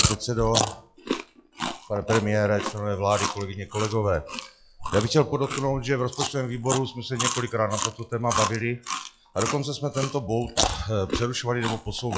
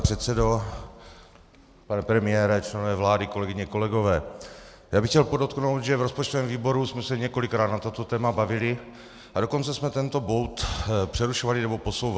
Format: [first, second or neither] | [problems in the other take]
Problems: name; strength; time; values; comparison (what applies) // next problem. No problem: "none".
second | noise reduction (classical method log-MMSE)